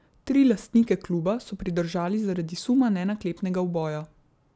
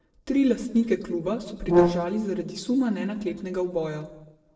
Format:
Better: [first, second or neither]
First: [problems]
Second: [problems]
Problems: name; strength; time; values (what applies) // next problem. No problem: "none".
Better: first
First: none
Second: noise reduction (neural separator model SepFormer DNS4)